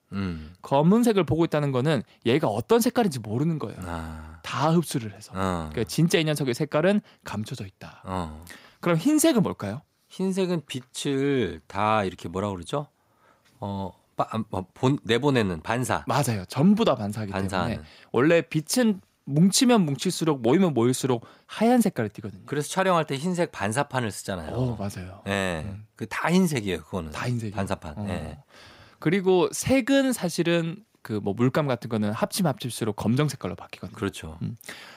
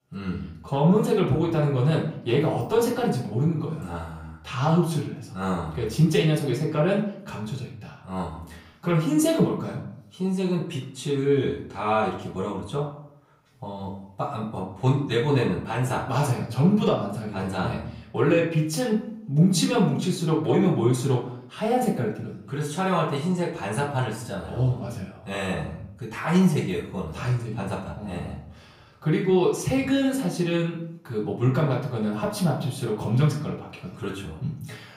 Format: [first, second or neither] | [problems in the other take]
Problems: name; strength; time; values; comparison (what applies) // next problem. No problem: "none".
first | off-mic speech; far // room echo; slight; dies away in 0.6 s